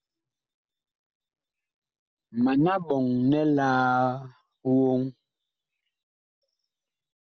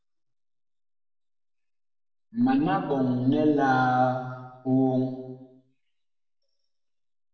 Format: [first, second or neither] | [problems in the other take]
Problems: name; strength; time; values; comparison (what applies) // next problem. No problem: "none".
first | room echo; dies away in 1.1 s